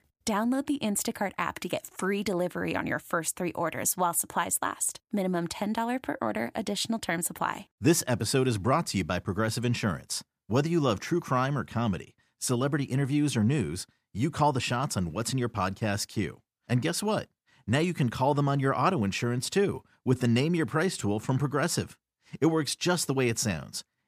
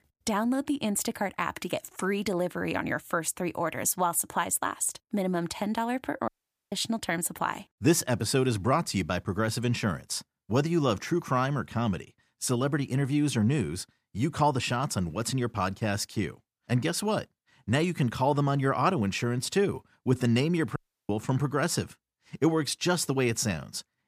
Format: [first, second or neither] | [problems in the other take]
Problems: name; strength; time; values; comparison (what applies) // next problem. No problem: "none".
first | audio cutting out; at 6.5 s and at 21 s